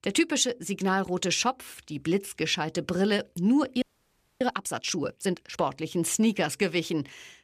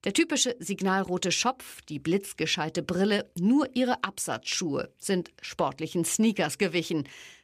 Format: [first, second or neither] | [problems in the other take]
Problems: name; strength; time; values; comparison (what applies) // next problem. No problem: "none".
second | audio freezing; at 4 s for 0.5 s